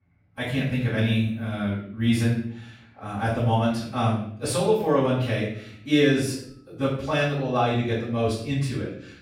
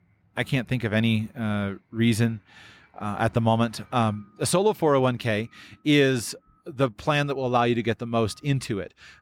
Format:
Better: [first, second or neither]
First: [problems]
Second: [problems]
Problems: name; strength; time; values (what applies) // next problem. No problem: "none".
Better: second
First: off-mic speech; far // room echo; noticeable; dies away in 0.6 s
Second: none